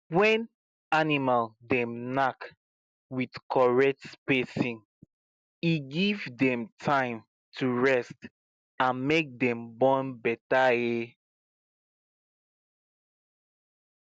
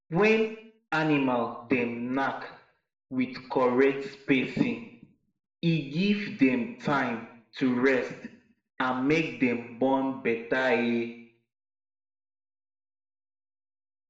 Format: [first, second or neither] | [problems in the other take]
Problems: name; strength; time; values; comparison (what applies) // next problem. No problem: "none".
first | room echo; dies away in 0.7 s